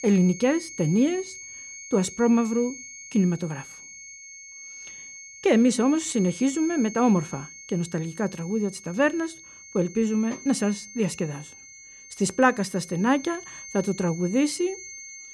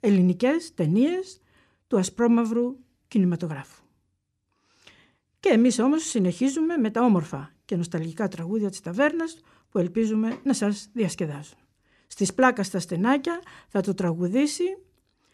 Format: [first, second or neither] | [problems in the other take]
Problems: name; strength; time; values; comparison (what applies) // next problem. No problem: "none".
second | high-pitched whine; noticeable; throughout; 6.5 kHz, 15 dB below the speech